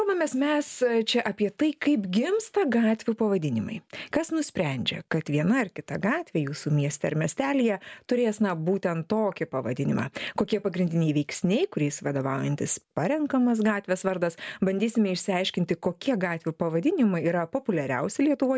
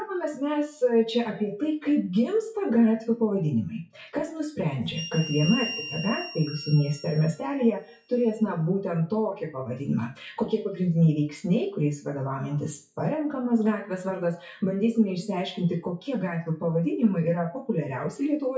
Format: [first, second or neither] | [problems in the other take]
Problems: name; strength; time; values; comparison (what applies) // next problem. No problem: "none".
first | noise reduction (classical method WPE with log-MMSE)